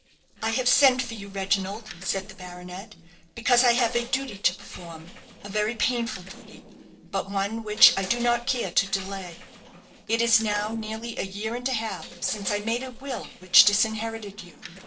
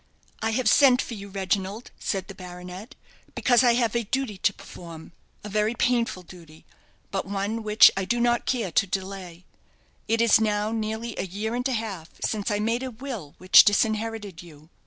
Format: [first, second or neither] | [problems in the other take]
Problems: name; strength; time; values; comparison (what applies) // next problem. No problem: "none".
second | noise reduction (neural separator model SepFormer DNS4)